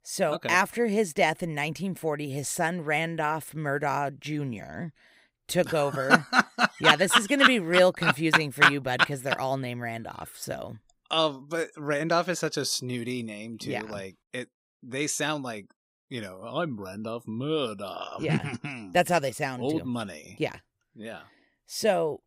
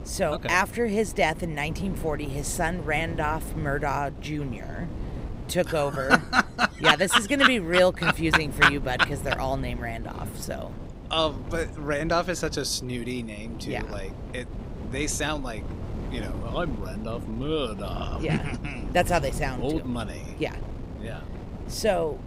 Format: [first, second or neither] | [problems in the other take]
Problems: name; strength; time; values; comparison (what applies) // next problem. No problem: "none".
first | wind noise on the microphone; occasional gusts; 20 dB below the speech